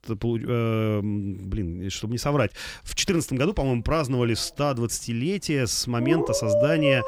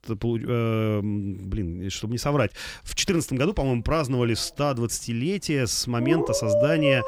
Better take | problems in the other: neither | animal sounds; very loud; throughout; 1 dB above the speech; the same in both

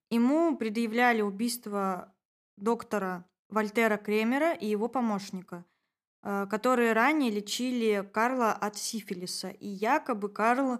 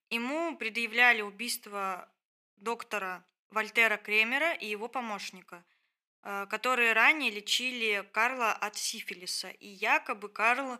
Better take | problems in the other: first | thin; somewhat; fading below 950 Hz

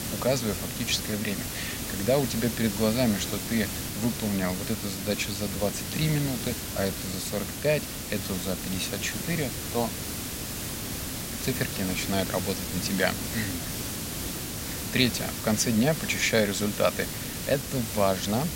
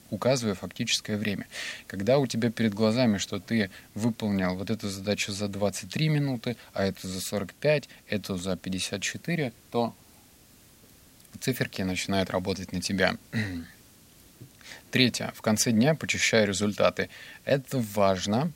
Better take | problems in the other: second | hiss; loud; throughout; 4 dB below the speech; faint in the second

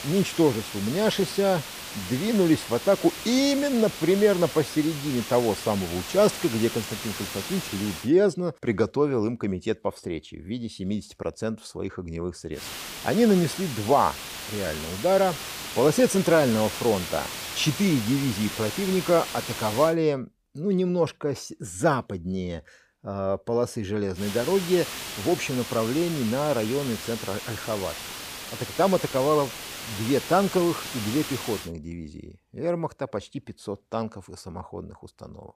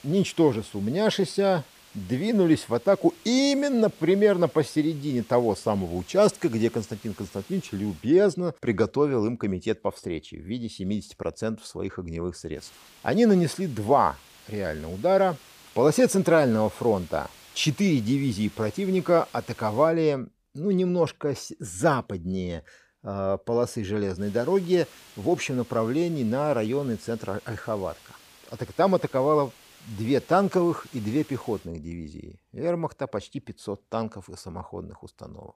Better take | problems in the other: second | hiss; loud; until 8 s, from 13 to 20 s and from 24 to 32 s; 8 dB below the speech; faint in the second

